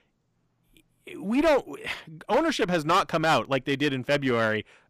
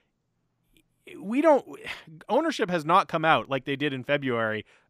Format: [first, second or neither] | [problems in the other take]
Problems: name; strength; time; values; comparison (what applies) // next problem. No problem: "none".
second | distortion; heavy; 7% of the sound clipped